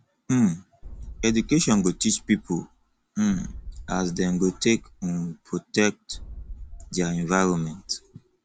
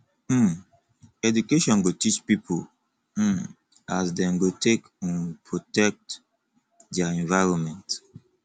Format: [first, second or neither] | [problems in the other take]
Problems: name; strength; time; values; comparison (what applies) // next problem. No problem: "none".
second | background sound (Boom); 16 dB below the speech